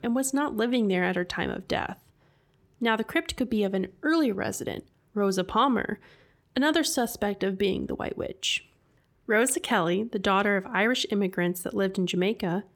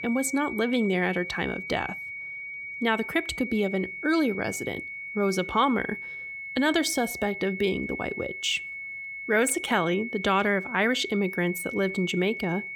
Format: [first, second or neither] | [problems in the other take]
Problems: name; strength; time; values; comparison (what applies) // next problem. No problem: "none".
first | high-pitched whine; loud; throughout; 2 kHz, 8 dB below the speech